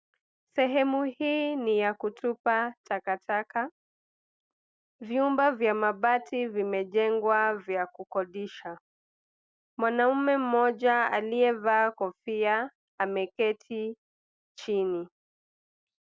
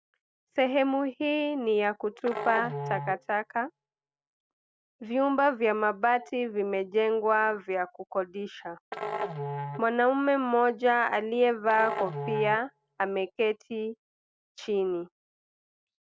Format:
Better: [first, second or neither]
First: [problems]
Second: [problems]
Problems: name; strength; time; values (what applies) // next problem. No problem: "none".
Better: first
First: none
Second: background sound (Musical instrument); 9 dB below the speech